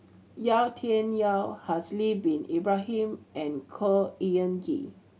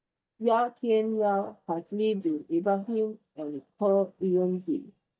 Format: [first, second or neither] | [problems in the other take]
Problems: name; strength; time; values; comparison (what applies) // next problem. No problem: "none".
first | noise reduction (neural mask model DeepFilterNet 3)